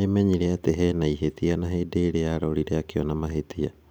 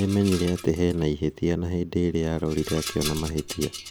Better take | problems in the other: first | background sound (Rattle); 13 dB below the speech

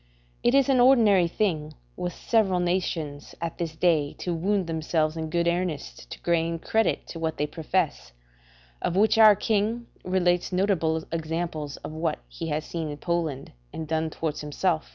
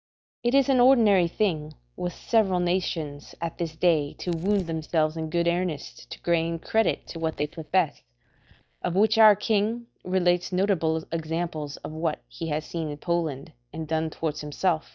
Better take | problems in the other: first | noise reduction (neural mask model DeepFilterNet 3)

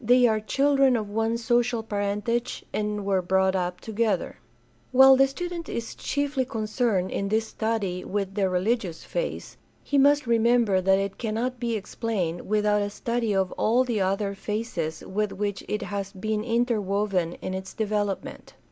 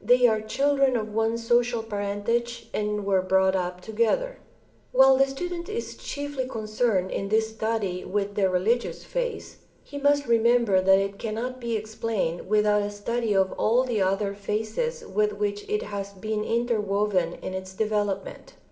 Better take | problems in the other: first | room echo; dies away in 0.6 s

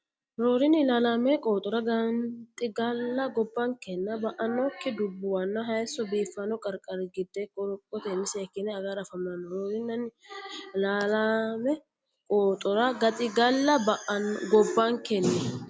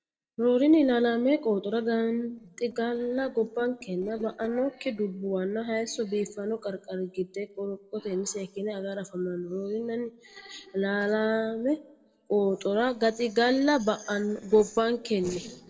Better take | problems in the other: first | noise reduction (neural separator model SepFormer DNS4)

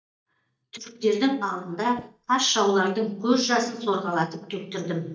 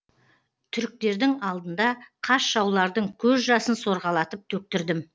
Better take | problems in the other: second | noise reduction (neural mask model DeepFilterNet 3)

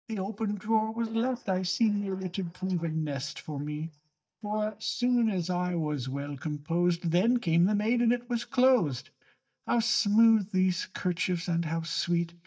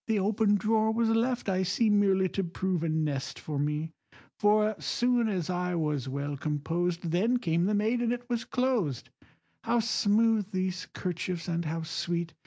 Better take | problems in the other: second | noise reduction (neural mask model DeepFilterNet 3)

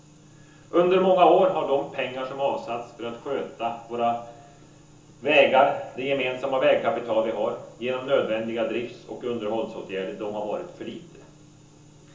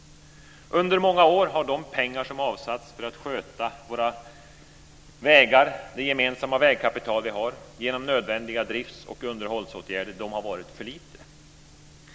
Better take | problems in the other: second | room echo; dies away in 0.8 s

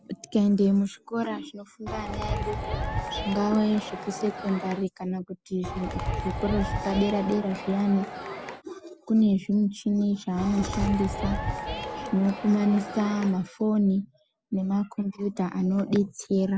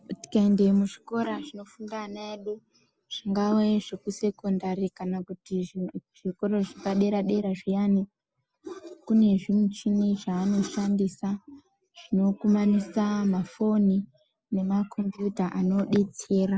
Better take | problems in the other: second | background sound (Crowd); 6 dB below the speech

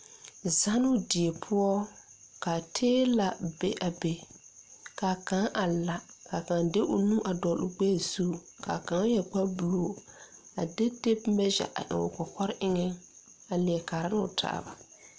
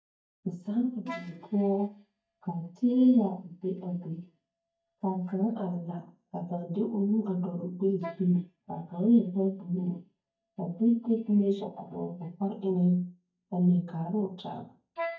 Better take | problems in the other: first | noise reduction (neural mask model DeepFilterNet 3)

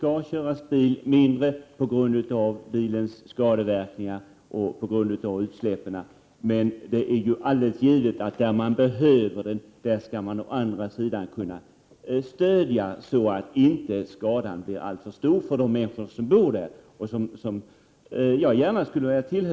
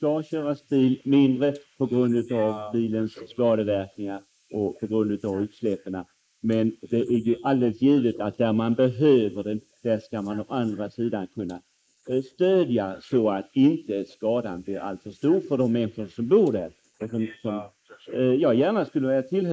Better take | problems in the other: first | noise reduction (neural mask model Resemble Enhance denoiser)

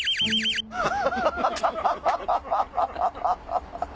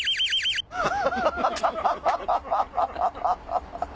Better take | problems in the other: second | background sound (Bowed string instrument); 16 dB below the speech

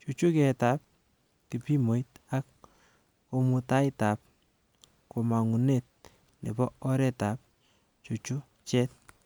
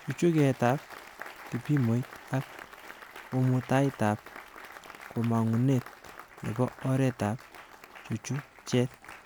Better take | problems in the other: first | background sound (Applause); 17 dB below the speech

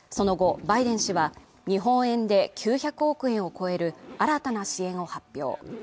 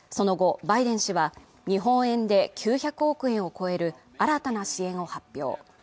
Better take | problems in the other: second | background sound (Zipper (clothing)); 19 dB below the speech

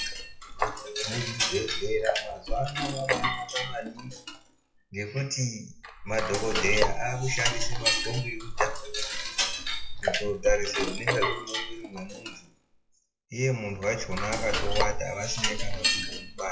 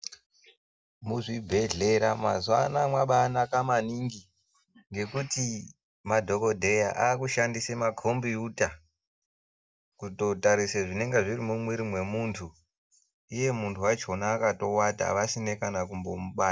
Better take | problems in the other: second | noise reduction (classical method WPE with log-MMSE)

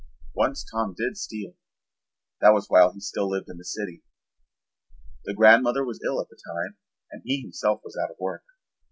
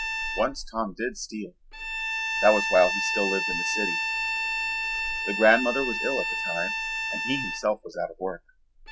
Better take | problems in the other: first | background sound (Bowed string instrument); 2 dB below the speech

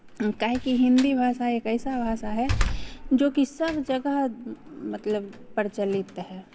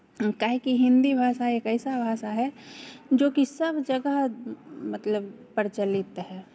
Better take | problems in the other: second | background sound (Slam); 8 dB below the speech

